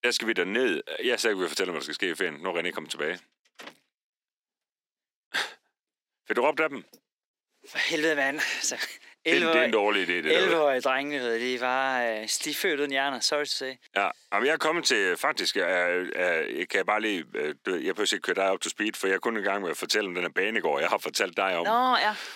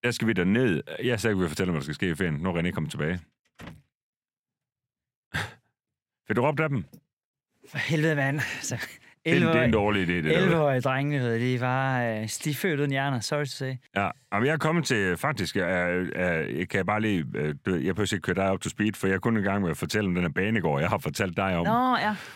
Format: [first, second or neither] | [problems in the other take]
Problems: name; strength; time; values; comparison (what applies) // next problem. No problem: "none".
second | thin; somewhat; fading below 300 Hz